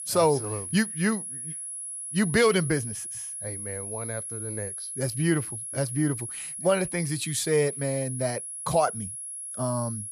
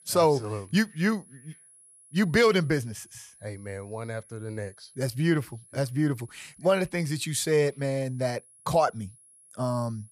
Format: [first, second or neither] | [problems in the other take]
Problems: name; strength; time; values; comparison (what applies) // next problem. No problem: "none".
second | high-pitched whine; loud; throughout; 10.5 kHz, 6 dB below the speech; faint in the second